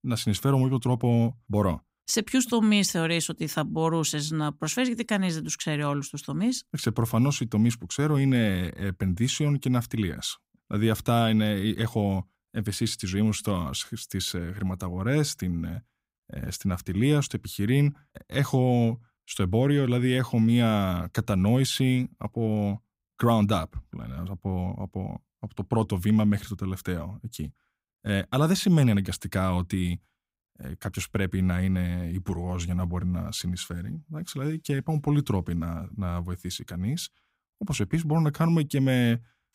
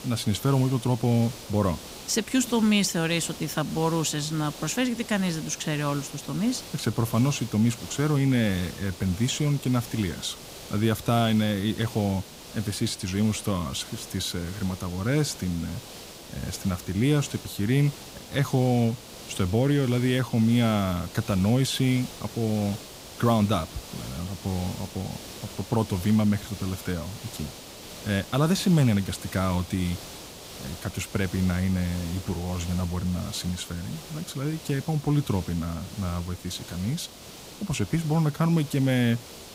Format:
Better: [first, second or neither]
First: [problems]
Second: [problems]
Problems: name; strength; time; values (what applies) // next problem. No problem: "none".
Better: first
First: none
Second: hiss; noticeable; throughout; 15 dB below the speech